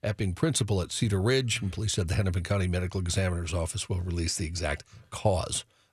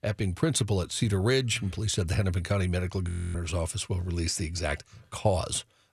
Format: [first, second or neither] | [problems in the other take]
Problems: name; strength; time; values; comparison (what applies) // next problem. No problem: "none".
first | audio freezing; at 3 s